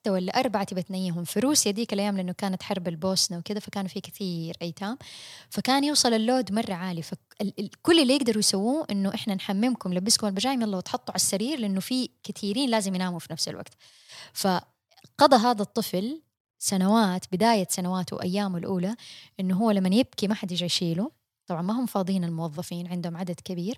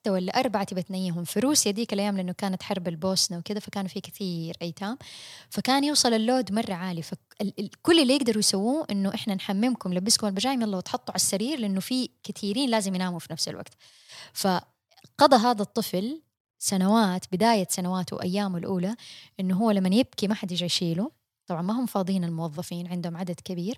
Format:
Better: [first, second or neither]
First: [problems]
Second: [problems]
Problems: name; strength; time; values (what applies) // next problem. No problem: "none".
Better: neither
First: none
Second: none